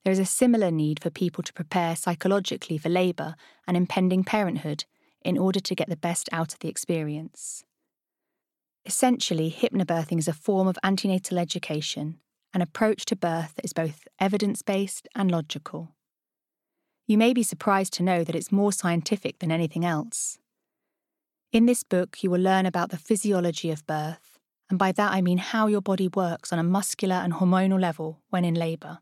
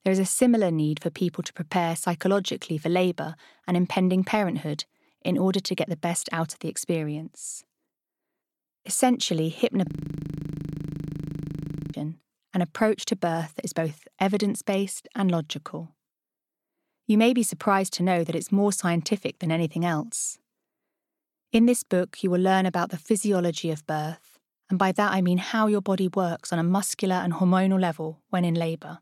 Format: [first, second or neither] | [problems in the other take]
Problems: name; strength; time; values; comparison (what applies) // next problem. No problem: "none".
first | audio freezing; at 10 s for 2 s